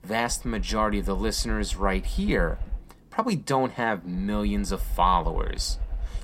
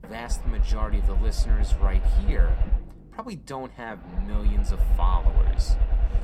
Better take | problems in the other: first | low rumble; loud; throughout; 6 dB below the speech; faint in the first

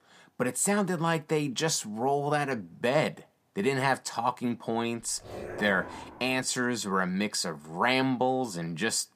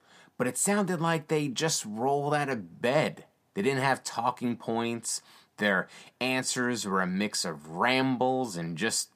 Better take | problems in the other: second | dog barking; faint; from 5 to 6.5 s; peak 10 dB below the speech

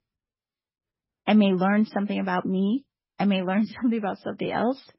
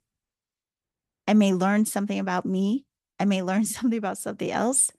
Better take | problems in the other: second | garbled, watery; badly; nothing above 5.5 kHz

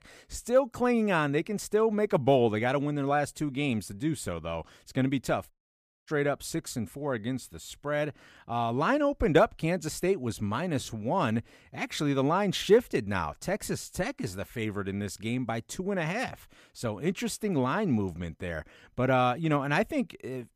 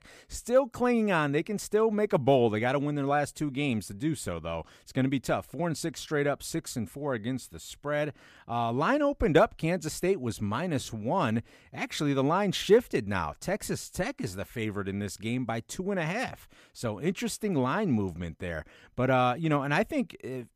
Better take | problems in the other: second | audio cutting out; at 5.5 s for 0.5 s

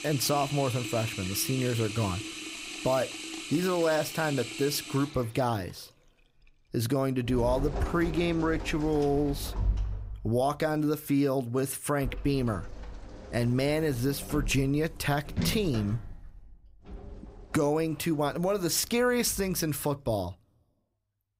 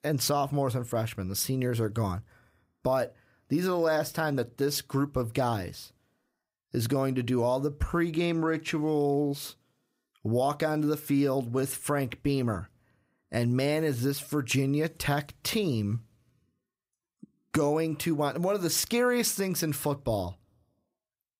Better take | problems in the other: second | household noises; loud; throughout; 9 dB below the speech

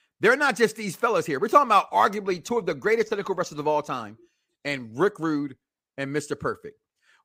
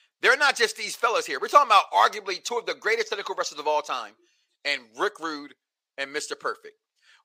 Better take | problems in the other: first | thin; very; fading below 600 Hz

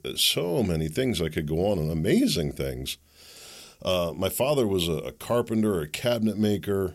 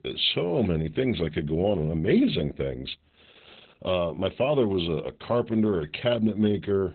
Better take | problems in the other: first | garbled, watery; badly; nothing above 4 kHz

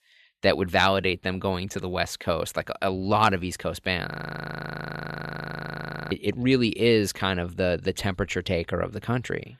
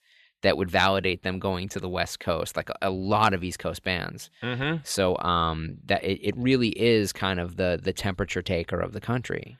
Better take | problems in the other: second | audio freezing; at 4 s for 2 s

